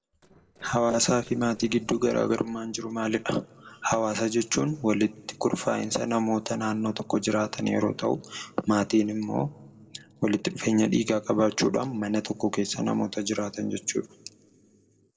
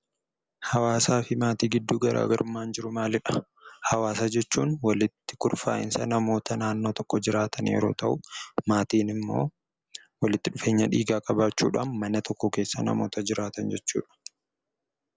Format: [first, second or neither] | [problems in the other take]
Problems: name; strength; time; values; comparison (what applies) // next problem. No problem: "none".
second | noise reduction (neural separator model SepFormer DNS4)